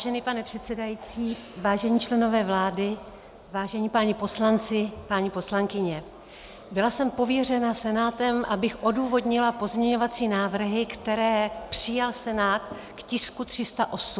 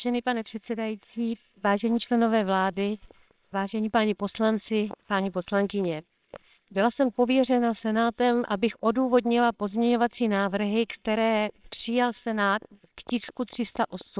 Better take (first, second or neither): first